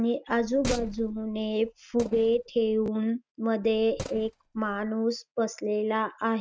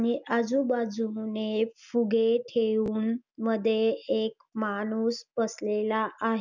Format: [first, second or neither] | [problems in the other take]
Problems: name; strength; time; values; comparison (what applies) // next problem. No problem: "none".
second | noise reduction (neural mask model RNNoise)